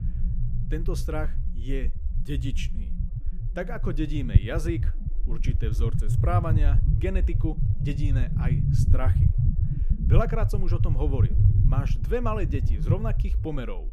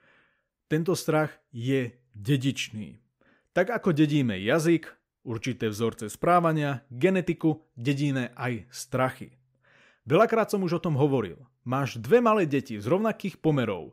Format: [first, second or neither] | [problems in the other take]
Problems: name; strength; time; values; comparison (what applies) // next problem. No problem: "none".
second | low rumble; loud; throughout; 6 dB below the speech